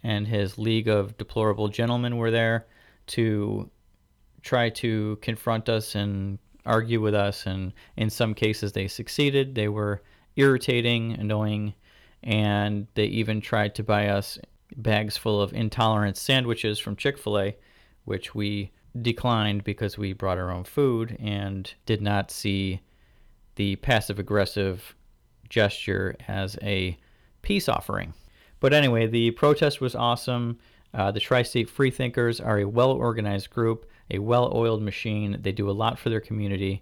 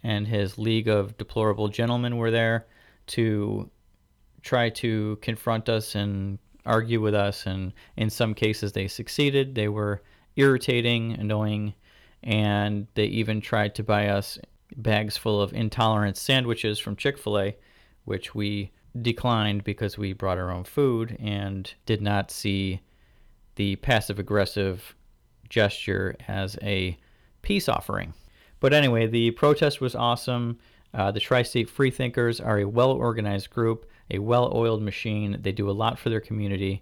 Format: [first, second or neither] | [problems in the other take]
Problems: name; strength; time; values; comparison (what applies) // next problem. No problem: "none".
neither | none